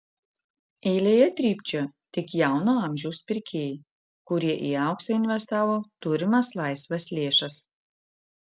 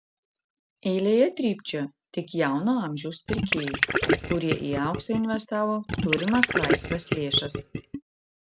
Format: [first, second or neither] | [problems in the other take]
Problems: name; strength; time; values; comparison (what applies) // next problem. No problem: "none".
first | background sound (Gurgling); as loud as the speech